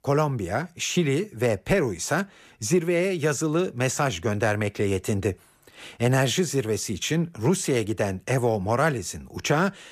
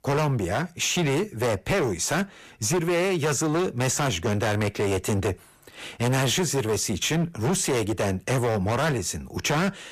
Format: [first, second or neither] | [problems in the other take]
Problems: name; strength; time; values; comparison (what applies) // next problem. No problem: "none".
first | distortion; heavy; 20% of the sound clipped